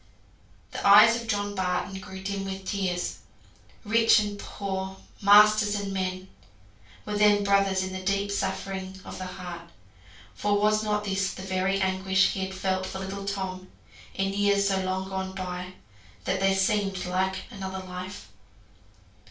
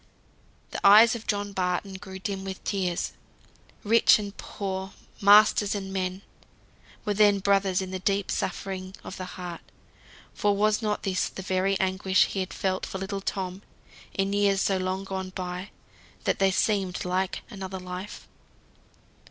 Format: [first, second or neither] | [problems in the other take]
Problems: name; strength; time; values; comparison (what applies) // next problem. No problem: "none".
second | room echo; dies away in 0.3 s